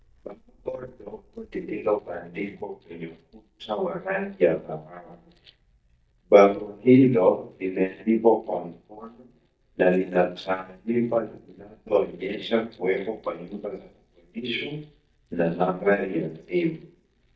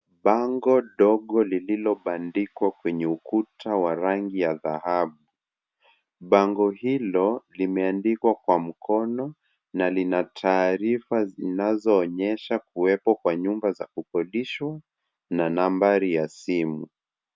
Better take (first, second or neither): second